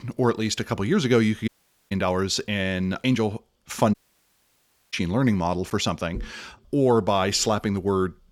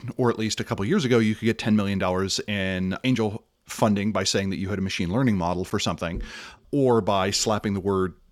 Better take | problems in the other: second | audio cutting out; at 1.5 s and at 4 s for 1 s

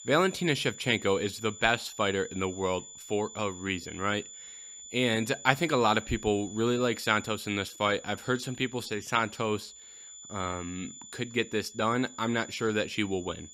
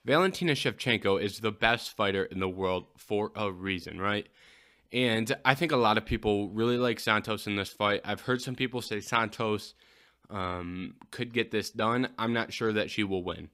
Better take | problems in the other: second | high-pitched whine; noticeable; throughout; 7 kHz, 15 dB below the speech

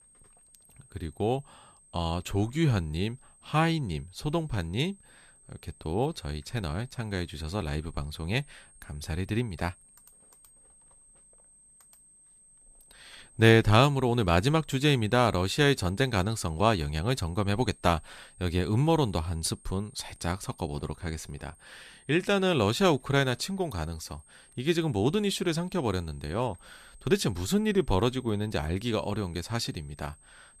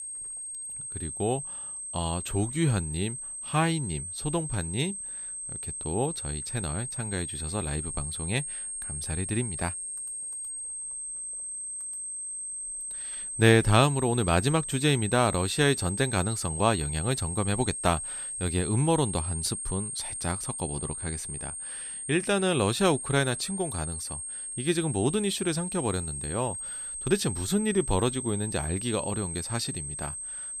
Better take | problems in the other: first | high-pitched whine; loud; throughout; 8.5 kHz, 5 dB below the speech; faint in the first

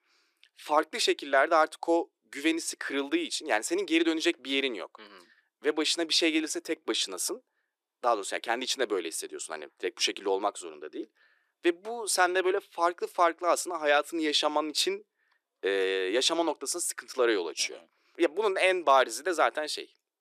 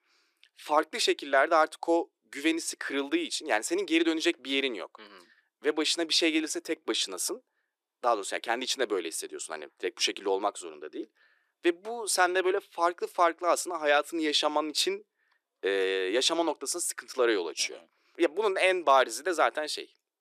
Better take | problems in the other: neither | thin; very; fading below 350 Hz; the same in both

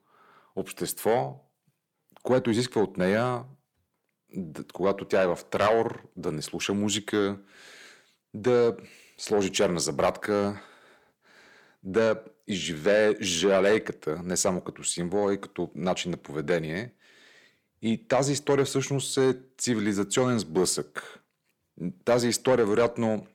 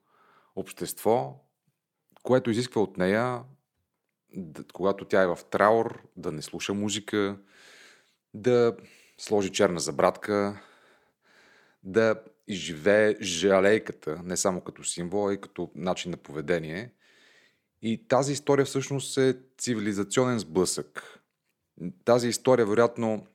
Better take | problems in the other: second | distortion; slight; 10 dB below the speech

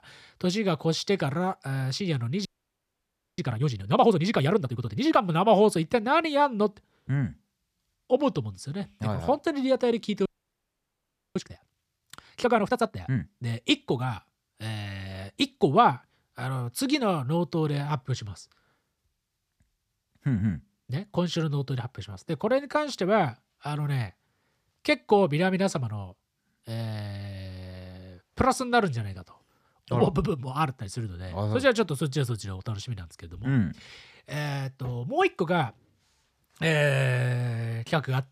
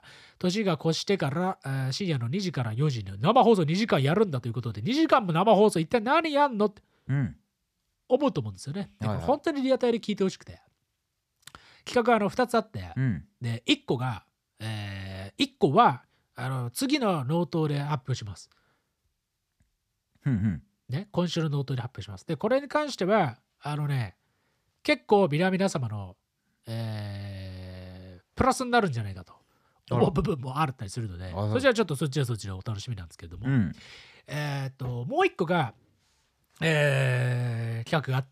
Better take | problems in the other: second | audio freezing; at 2.5 s for 1 s and at 10 s for 1 s

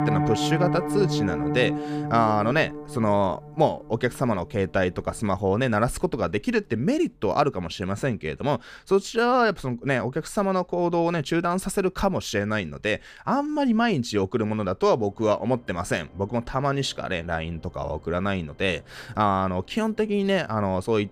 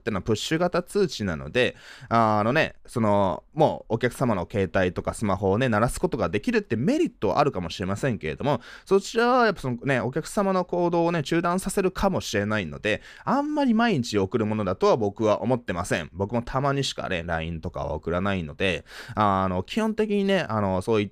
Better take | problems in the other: second | background music; loud; throughout; 4 dB below the speech

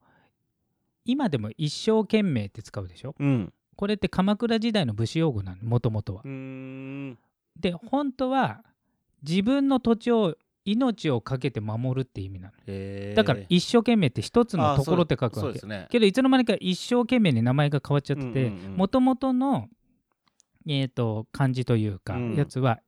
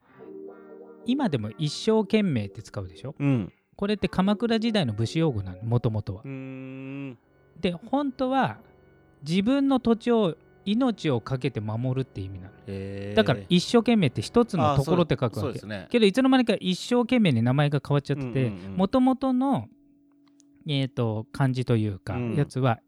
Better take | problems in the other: first | background music; faint; throughout; 25 dB below the speech

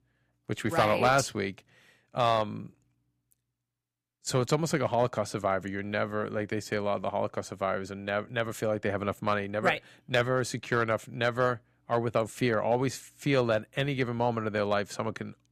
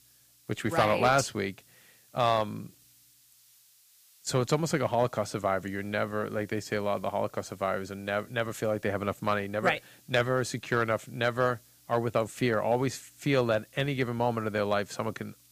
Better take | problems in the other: first | hiss; faint; throughout; 30 dB below the speech

